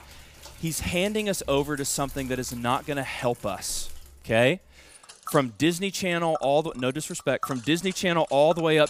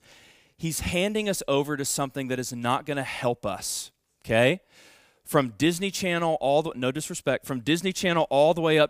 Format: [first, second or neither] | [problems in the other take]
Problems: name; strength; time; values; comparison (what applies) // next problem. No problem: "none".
second | household noises; noticeable; throughout; 20 dB below the speech